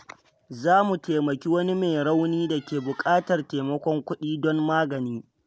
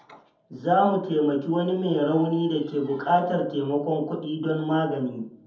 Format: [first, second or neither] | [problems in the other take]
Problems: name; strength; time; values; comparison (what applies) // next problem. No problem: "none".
first | room echo; dies away in 0.6 s